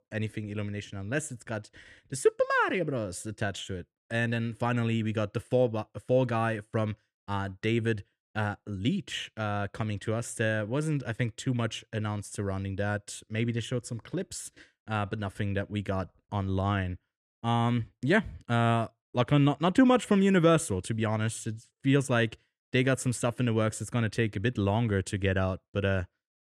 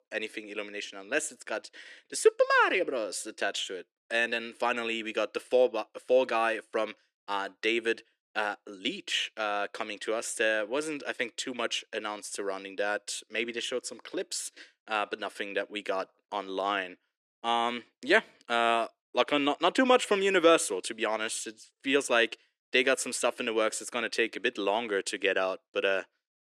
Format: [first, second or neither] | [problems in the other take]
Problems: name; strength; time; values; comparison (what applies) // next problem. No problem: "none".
first | thin; somewhat; fading below 350 Hz